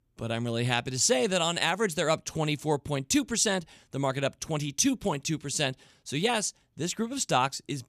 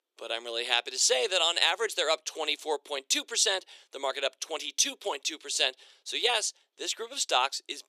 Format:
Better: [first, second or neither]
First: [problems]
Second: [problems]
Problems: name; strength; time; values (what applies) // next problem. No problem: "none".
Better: first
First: none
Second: thin; very; fading below 400 Hz